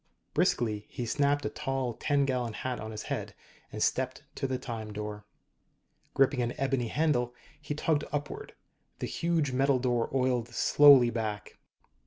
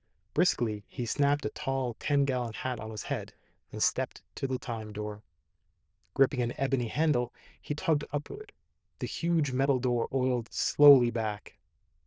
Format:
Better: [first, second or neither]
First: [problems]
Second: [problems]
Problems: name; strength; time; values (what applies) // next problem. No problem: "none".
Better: first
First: none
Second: noise reduction (neural diffusion model UNIVERSE++)